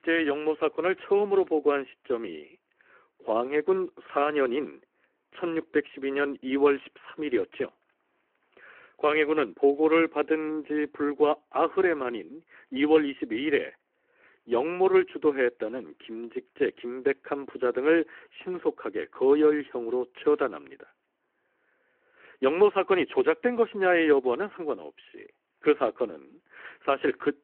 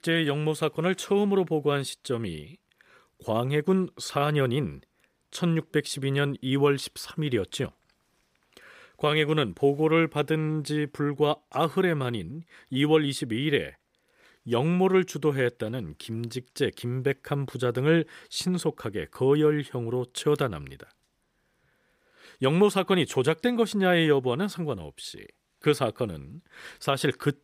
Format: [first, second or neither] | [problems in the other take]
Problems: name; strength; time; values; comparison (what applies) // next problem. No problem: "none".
second | phone-call audio